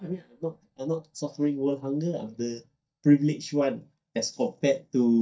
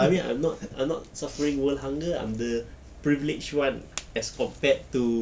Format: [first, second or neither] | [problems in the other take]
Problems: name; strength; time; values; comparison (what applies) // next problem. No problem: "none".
second | noise reduction (neural mask model DeepFilterNet 3)